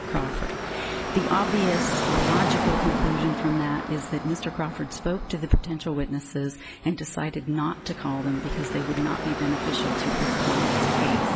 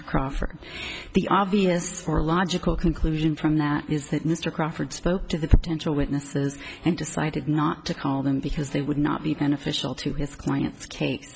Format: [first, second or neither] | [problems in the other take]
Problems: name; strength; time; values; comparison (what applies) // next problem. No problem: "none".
second | background sound (Car passing by / Traffic noise, roadway noise); 1 dB below the speech